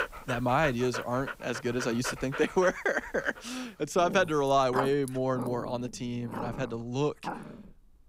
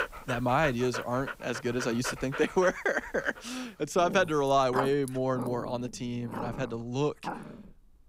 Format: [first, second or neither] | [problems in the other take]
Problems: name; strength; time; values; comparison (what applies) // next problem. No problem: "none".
neither | animal sounds; loud; throughout; 10 dB below the speech; the same in both